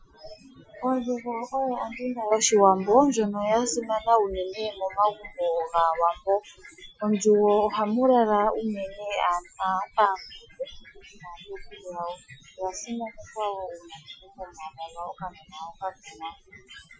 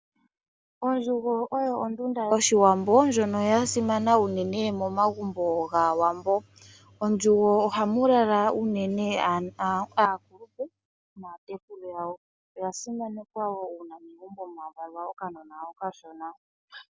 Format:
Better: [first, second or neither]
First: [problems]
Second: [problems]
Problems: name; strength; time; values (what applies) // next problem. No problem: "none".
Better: second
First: noise reduction (classical method Wiener filter)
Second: none